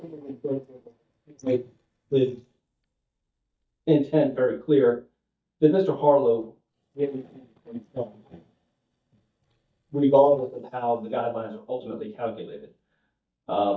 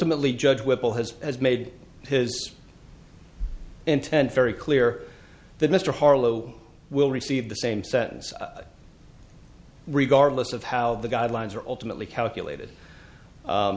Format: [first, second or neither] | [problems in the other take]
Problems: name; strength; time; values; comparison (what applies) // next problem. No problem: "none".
second | noise reduction (neural mask model DeepFilterNet 3)